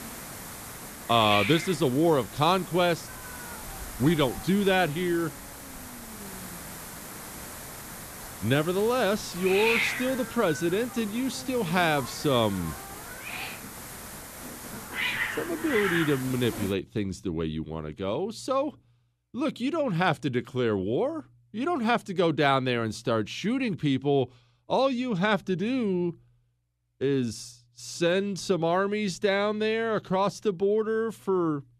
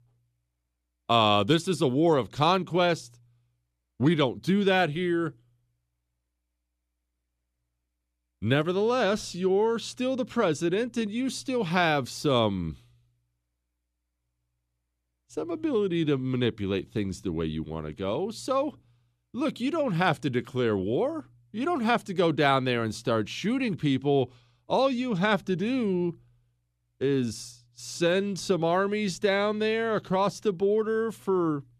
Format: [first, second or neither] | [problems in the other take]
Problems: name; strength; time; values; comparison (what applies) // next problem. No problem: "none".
second | hiss; loud; until 17 s; 8 dB below the speech